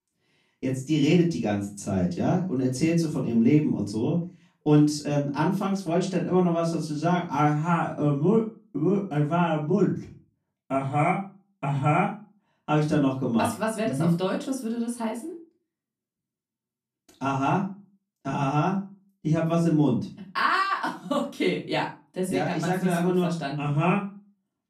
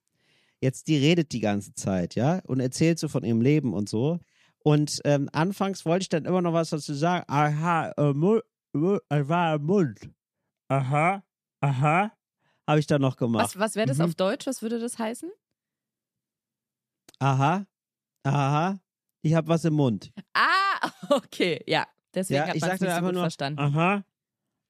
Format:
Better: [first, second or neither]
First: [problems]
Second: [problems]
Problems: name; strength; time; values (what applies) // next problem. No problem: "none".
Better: second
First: room echo; slight; dies away in 0.3 s // off-mic speech; far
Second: none